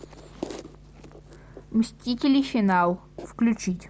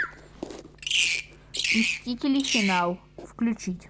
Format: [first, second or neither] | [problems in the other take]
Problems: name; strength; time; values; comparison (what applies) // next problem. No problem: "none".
first | background sound (Bird vocalization, bird call, bird song); 1 dB below the speech